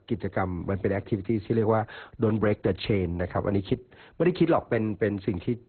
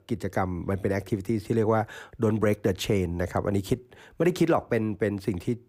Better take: second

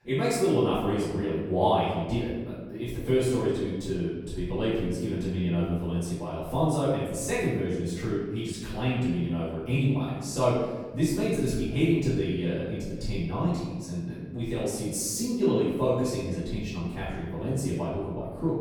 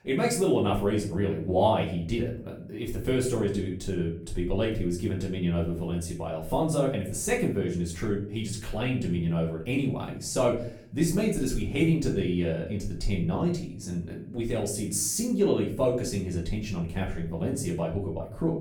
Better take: second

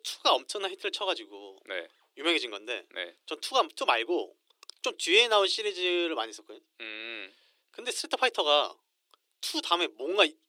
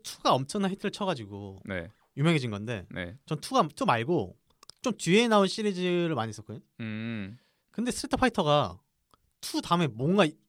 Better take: second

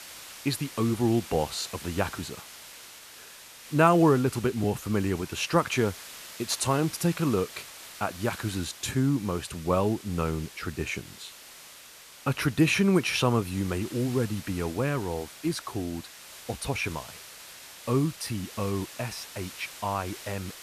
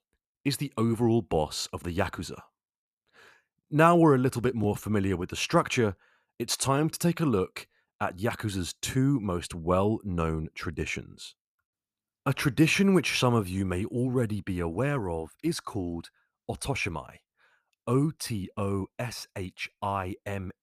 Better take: second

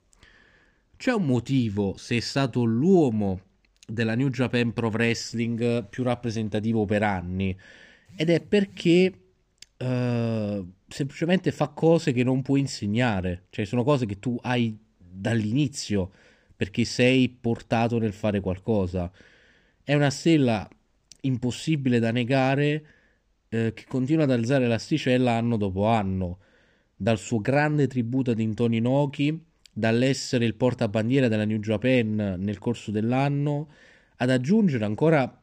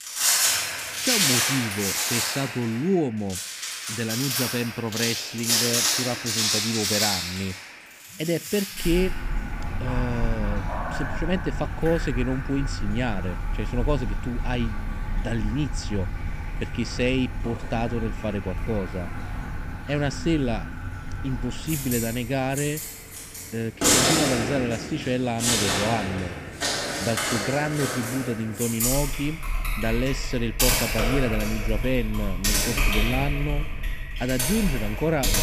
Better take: first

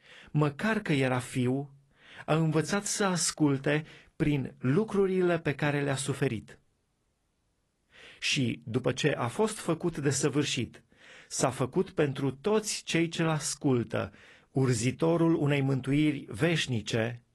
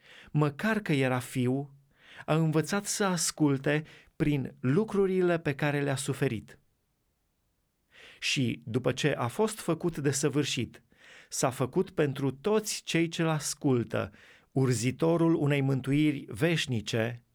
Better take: second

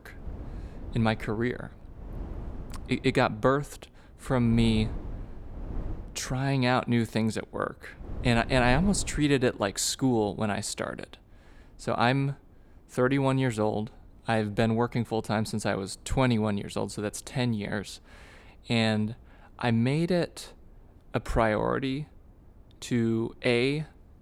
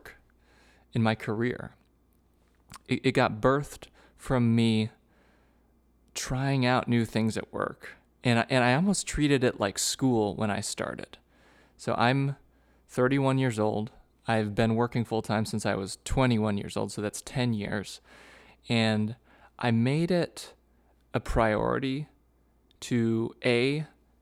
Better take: second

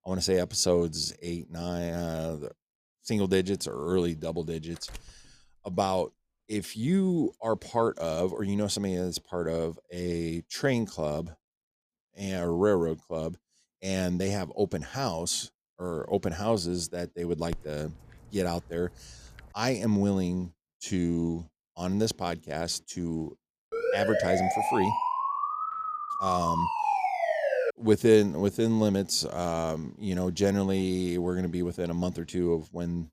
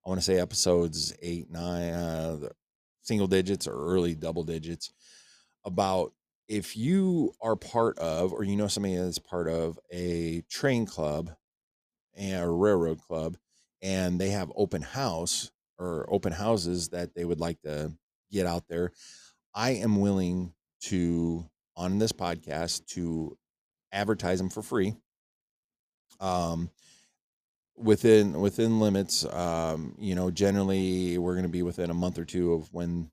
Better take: second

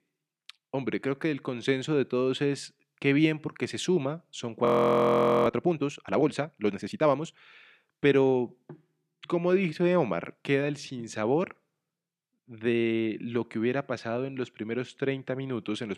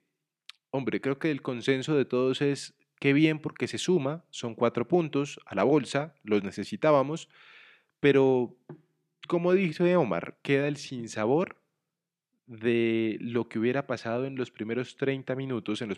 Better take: second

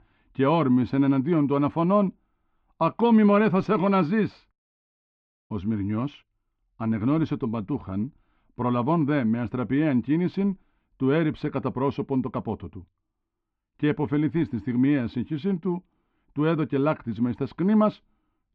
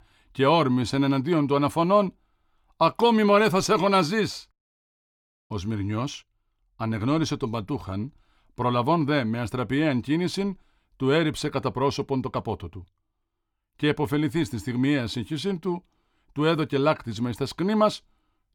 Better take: second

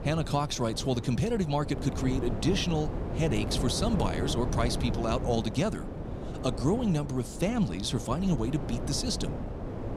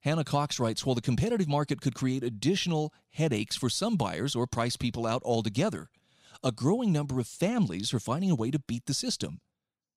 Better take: second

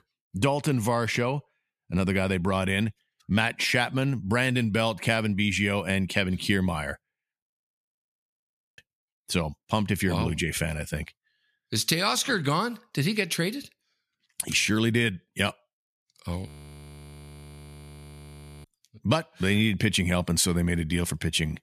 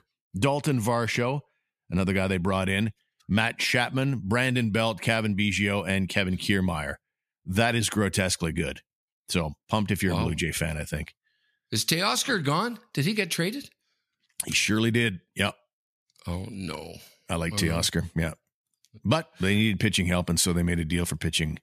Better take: second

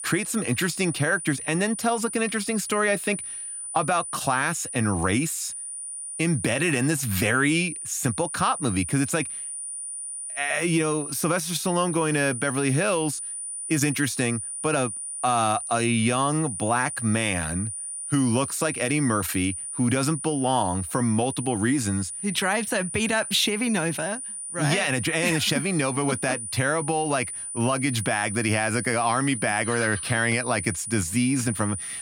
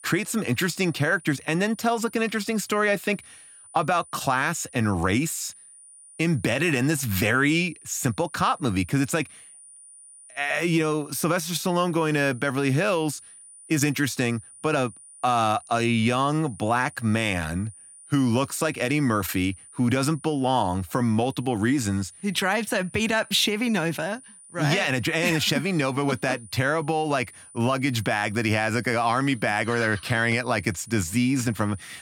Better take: second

